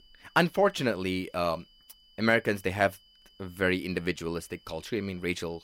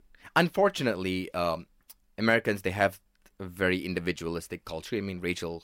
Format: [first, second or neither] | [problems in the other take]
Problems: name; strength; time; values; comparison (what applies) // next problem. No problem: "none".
second | high-pitched whine; faint; throughout; 3 kHz, 30 dB below the speech